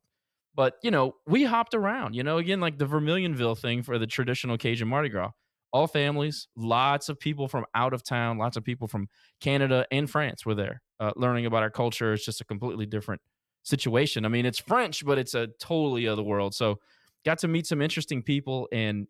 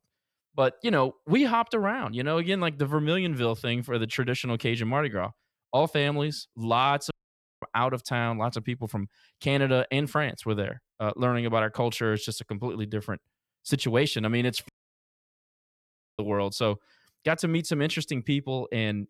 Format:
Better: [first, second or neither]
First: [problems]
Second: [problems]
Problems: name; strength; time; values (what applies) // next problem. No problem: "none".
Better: first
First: none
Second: audio cutting out; at 7 s for 0.5 s and at 15 s for 1.5 s